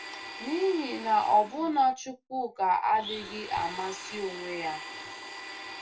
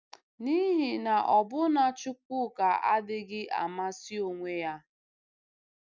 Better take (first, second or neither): second